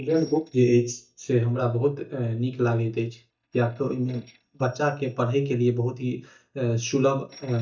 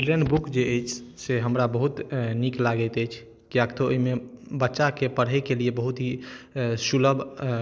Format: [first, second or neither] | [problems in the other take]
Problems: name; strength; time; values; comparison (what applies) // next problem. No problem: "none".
second | noise reduction (neural mask model DeepFilterNet 3)